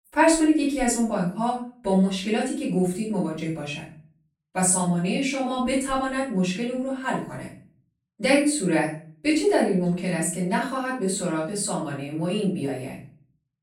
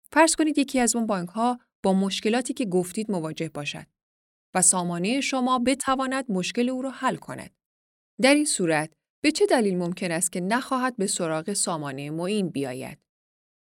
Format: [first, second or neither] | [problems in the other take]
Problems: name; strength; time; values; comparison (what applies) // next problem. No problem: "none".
second | off-mic speech; far // room echo; noticeable; dies away in 0.4 s